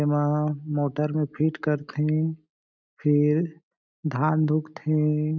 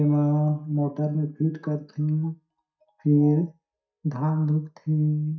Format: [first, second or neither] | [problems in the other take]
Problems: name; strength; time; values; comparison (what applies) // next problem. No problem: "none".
first | noise reduction (neural mask model DeepFilterNet 3)